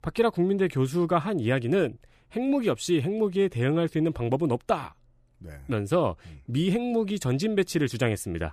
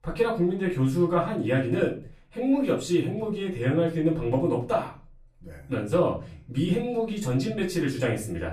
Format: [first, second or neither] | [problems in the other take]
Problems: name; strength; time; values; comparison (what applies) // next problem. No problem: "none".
first | off-mic speech; far // room echo; slight; dies away in 0.3 s